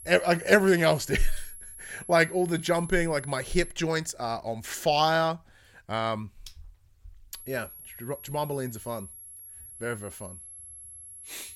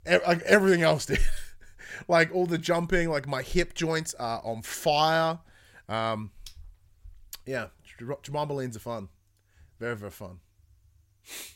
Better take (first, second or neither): second